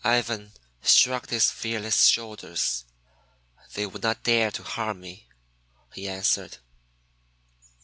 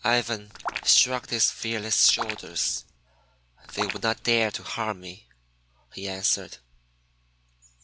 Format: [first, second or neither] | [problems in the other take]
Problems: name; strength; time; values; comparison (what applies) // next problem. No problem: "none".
first | background sound (Raindrop); 10 dB below the speech